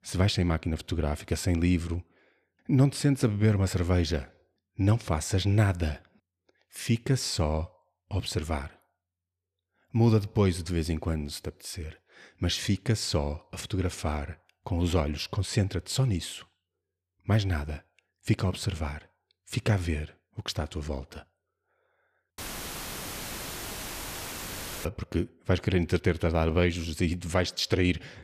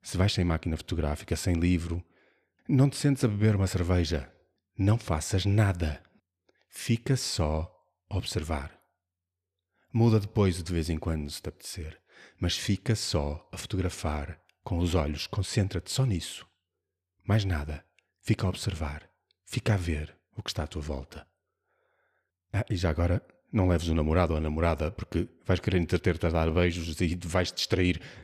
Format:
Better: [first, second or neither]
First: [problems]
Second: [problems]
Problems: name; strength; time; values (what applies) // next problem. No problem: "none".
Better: second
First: audio cutting out; filled with static; at 22 s for 2.5 s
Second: none